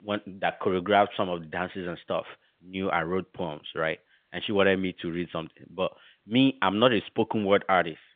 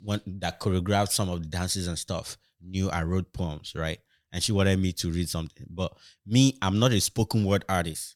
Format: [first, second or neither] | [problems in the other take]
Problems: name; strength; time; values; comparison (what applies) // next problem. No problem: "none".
second | phone-call audio; nothing above 3.5 kHz